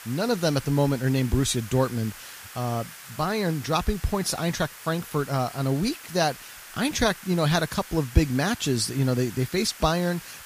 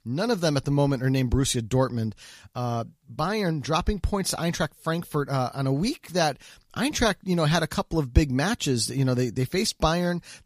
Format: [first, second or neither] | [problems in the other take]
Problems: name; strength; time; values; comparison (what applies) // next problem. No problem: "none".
second | hiss; noticeable; throughout; 15 dB below the speech